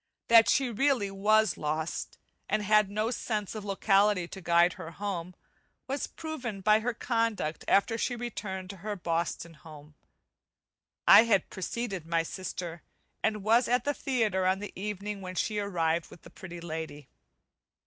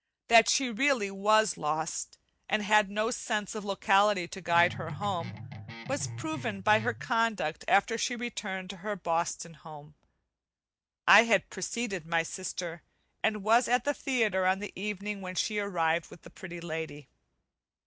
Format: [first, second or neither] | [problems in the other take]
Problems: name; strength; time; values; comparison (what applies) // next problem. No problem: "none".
first | background sound (Guitar); 10 dB below the speech